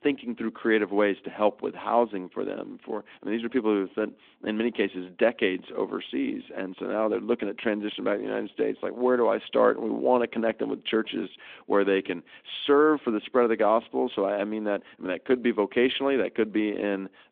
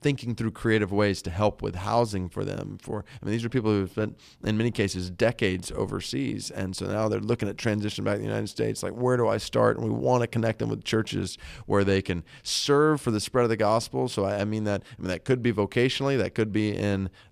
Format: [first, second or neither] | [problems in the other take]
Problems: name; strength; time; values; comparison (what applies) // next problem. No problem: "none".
second | phone-call audio; nothing above 3.5 kHz